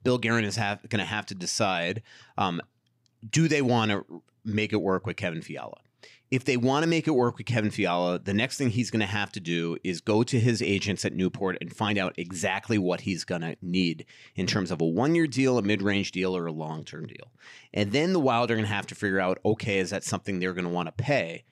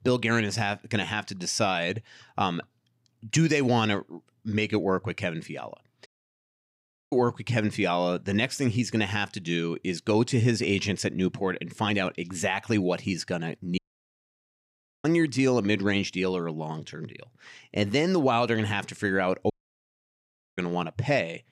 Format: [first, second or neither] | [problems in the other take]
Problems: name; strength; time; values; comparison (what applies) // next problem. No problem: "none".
first | audio cutting out; at 6 s for 1 s, at 14 s for 1.5 s and at 20 s for 1 s